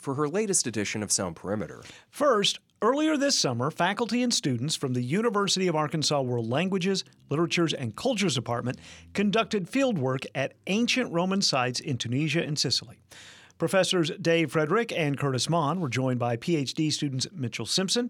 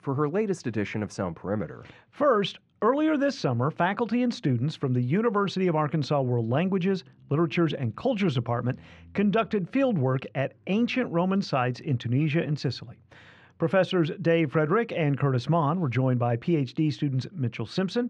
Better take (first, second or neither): first